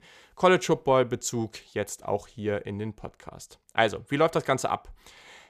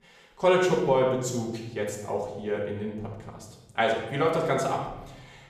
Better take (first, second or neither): first